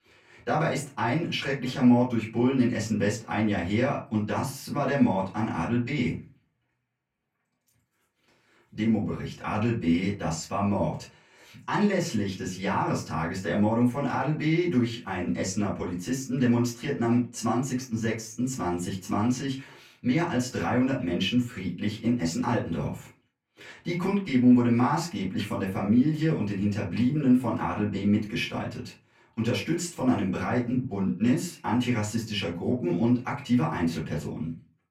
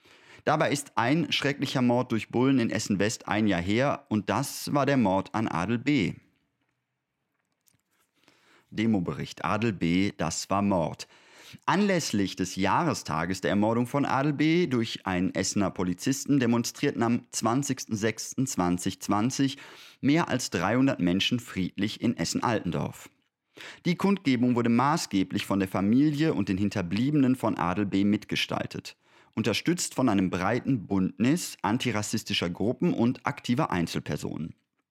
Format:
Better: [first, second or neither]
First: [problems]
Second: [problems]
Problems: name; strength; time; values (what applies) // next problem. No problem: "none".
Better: second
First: off-mic speech; far // room echo; very slight; dies away in 0.2 s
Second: none